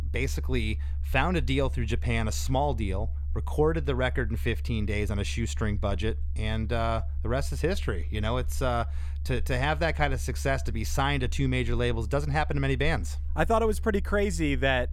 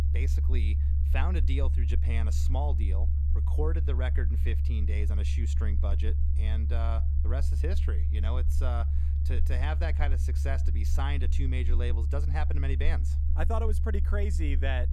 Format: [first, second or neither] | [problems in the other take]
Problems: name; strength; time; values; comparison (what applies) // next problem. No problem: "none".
first | low rumble; loud; throughout; 7 dB below the speech; faint in the first